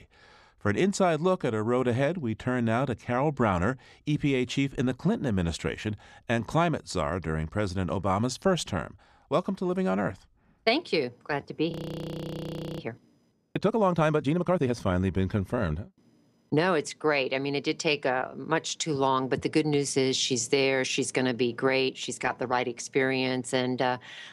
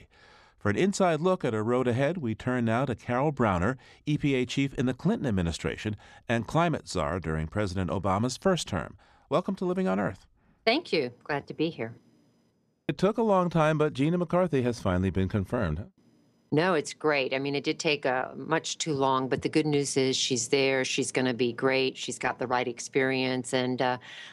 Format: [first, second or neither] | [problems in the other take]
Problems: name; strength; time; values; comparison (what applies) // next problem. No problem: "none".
second | audio freezing; at 12 s for 1 s